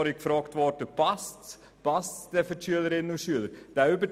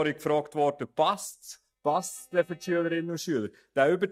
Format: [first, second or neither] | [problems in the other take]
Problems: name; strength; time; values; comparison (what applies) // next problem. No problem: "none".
first | noise reduction (neural mask model DeepFilterNet 3)